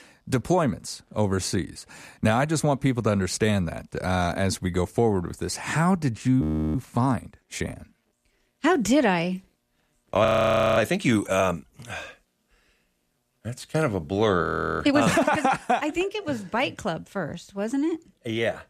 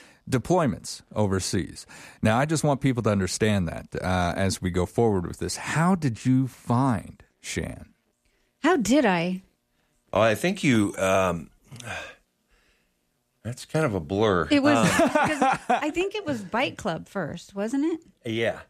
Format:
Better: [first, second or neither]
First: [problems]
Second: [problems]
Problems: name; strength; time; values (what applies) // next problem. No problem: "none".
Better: second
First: audio freezing; at 6.5 s, at 10 s for 0.5 s and at 14 s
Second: none